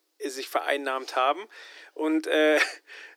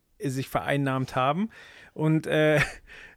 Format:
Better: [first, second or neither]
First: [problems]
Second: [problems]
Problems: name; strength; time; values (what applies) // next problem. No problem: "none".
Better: second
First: thin; very; fading below 300 Hz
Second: none